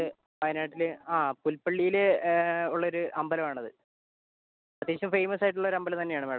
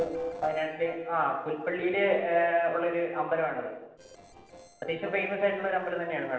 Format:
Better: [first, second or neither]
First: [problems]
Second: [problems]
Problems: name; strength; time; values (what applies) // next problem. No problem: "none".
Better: first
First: none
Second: noise reduction (neural separator model SepFormer DNS4)